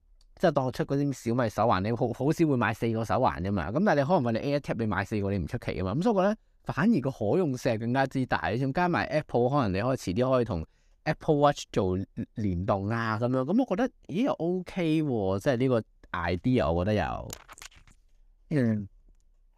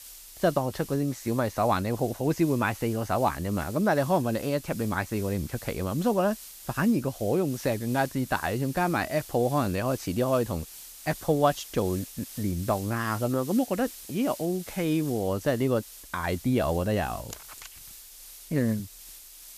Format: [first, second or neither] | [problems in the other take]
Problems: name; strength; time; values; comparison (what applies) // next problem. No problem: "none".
first | hiss; noticeable; throughout; 15 dB below the speech